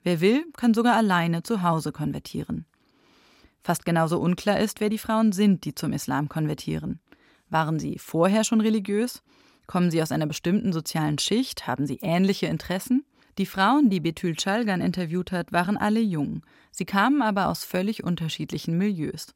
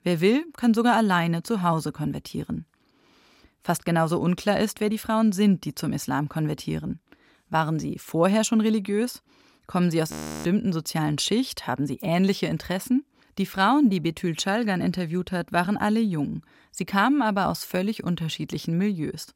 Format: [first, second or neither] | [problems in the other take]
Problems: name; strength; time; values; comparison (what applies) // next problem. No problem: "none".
first | audio freezing; at 10 s